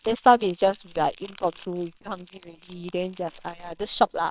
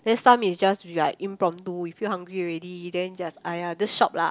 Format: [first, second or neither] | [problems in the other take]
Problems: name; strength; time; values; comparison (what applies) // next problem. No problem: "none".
second | noise reduction (neural separator model SepFormer WHAMR!)